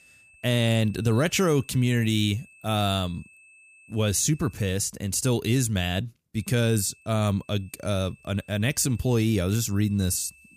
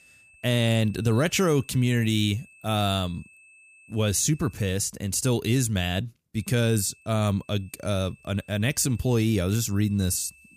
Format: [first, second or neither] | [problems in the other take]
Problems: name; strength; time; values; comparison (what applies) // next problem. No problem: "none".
neither | high-pitched whine; faint; until 4.5 s and from 6.5 s on; 2.5 kHz, 25 dB below the speech; the same in both